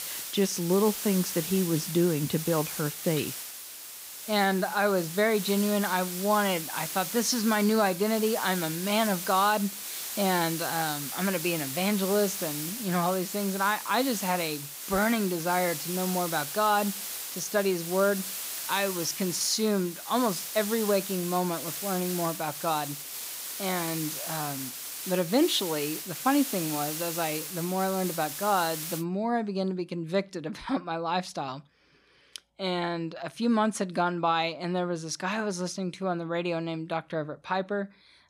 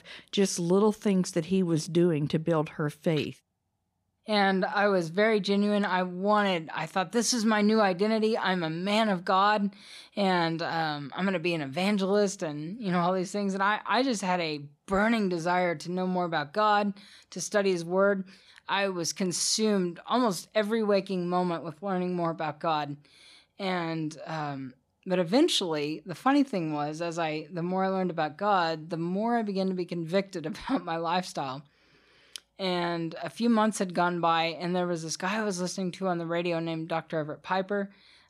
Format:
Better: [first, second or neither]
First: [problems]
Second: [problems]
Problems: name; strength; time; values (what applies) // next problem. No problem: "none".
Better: second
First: hiss; loud; until 29 s; 6 dB below the speech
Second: none